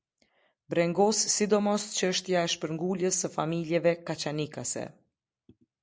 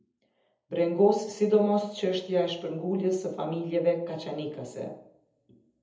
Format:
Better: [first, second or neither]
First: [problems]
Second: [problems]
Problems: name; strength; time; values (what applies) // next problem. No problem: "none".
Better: first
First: none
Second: room echo; dies away in 0.7 s